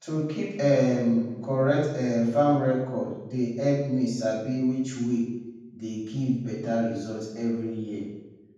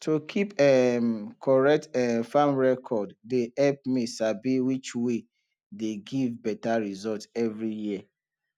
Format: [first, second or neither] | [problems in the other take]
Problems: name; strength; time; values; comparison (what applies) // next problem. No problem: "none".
second | room echo; dies away in 1.1 s